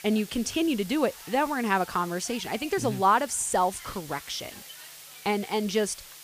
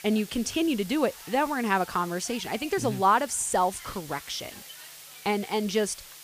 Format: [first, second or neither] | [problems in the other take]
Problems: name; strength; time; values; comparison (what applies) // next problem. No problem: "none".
neither | hiss; noticeable; throughout; 15 dB below the speech; the same in both